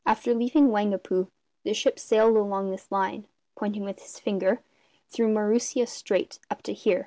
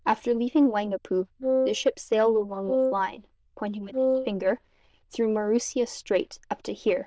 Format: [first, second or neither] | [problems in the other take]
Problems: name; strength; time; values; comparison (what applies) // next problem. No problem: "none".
first | noise reduction (neural diffusion model UNIVERSE++)